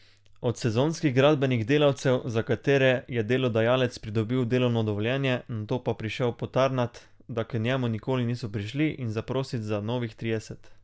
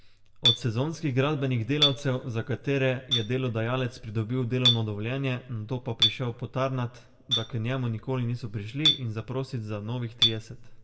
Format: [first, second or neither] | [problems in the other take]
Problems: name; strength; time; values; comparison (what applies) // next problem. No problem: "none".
first | background sound (Chink, clink); 3 dB below the speech // room echo; dies away in 0.6 s